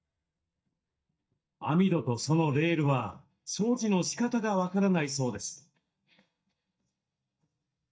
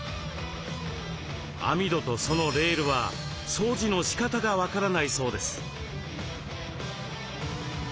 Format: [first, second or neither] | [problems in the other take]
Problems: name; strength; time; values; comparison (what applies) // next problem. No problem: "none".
second | noise reduction (neural mask model DeepFilterNet 3)